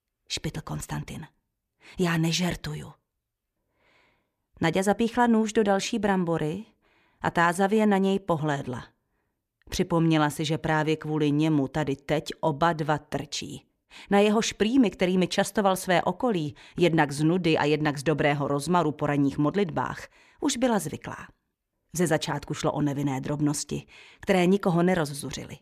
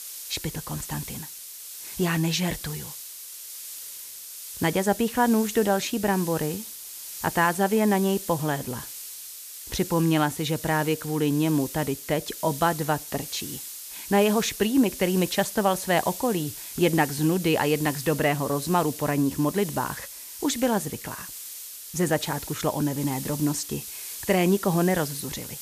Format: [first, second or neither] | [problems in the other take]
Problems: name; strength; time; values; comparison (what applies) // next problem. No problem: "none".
first | hiss; noticeable; throughout; 10 dB below the speech